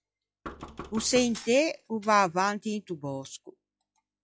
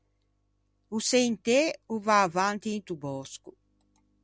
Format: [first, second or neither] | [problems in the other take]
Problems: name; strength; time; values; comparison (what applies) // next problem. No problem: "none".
second | noise reduction (classical method log-MMSE)